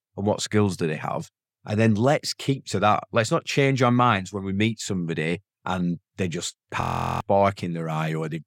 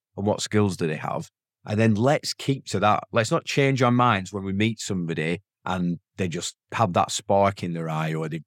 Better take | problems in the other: second | audio freezing; at 7 s

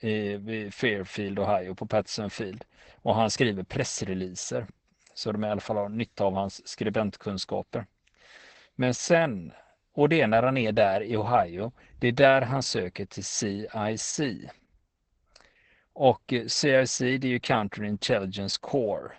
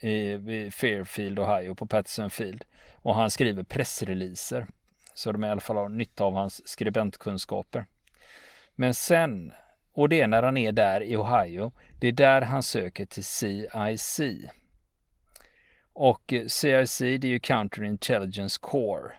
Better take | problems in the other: second | garbled, watery; badly; nothing above 8 kHz; slightly in the second

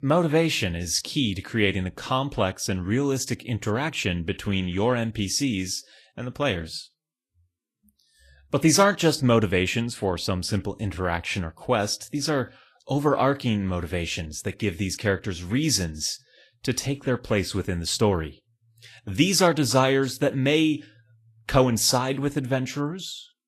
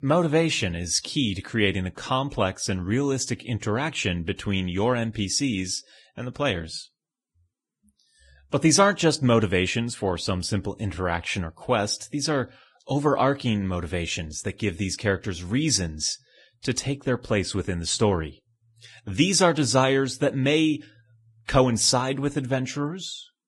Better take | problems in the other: first | garbled, watery; badly; nothing above 10 kHz; slightly in the first

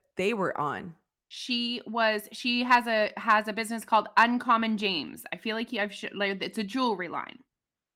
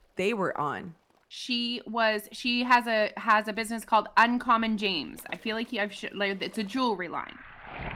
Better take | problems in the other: first | rain or running water; faint; throughout; 25 dB below the speech

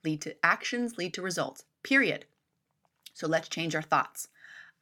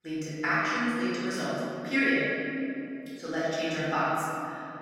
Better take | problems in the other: first | off-mic speech; far // room echo; strong; dies away in 2.9 s

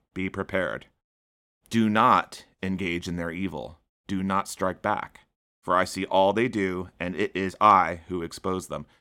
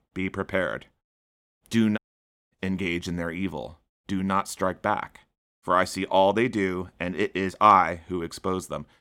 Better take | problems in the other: first | audio cutting out; at 2 s for 0.5 s

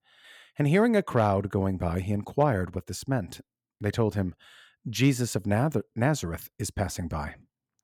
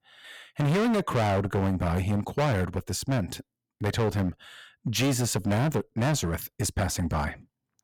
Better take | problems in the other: first | distortion; heavy; 16% of the sound clipped

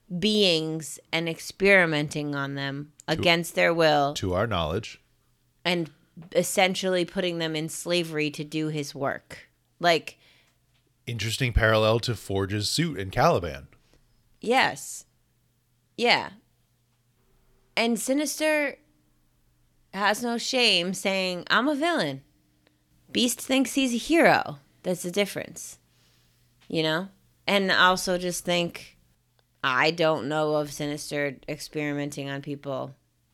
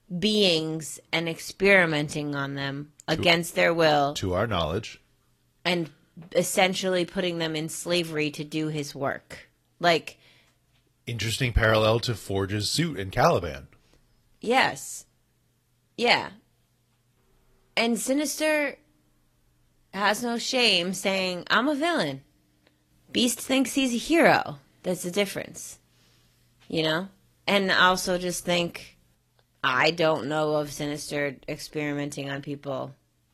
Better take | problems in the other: first | garbled, watery; slightly; nothing above 12.5 kHz

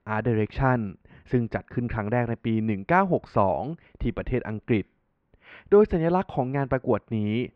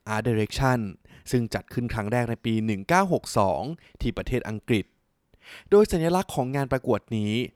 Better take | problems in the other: second | muffled; very; fading above 2.5 kHz

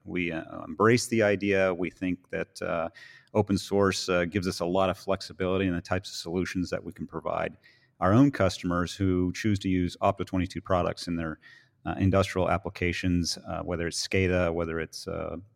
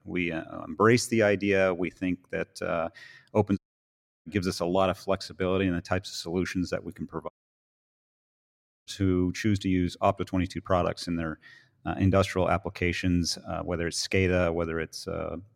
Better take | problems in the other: first | audio cutting out; at 3.5 s for 0.5 s and at 7.5 s for 1.5 s

